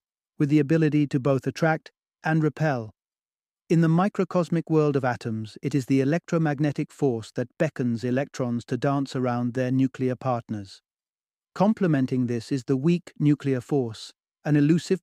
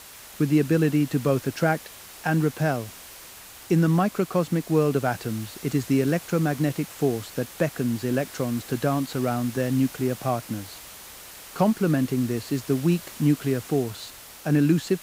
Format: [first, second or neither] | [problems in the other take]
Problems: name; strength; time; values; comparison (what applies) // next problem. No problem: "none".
first | hiss; noticeable; throughout; 15 dB below the speech